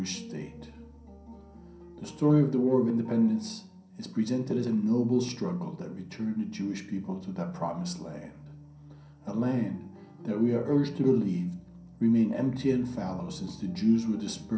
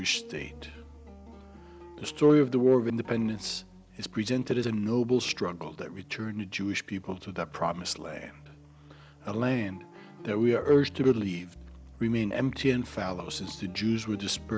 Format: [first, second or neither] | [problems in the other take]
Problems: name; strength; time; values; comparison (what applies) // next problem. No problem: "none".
second | room echo; dies away in 0.6 s